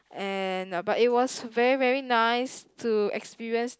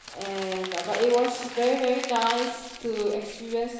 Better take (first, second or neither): first